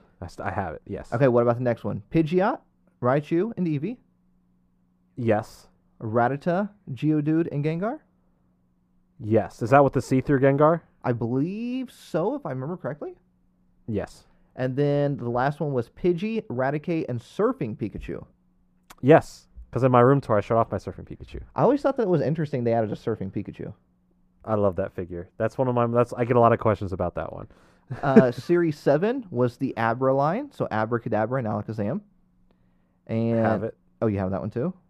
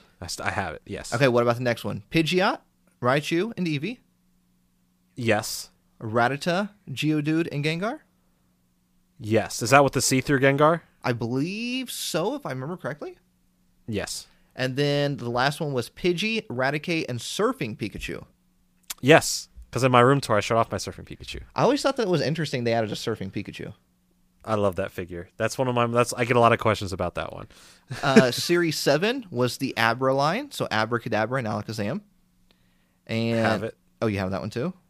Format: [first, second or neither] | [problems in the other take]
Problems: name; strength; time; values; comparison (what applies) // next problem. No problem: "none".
second | muffled; very; fading above 2 kHz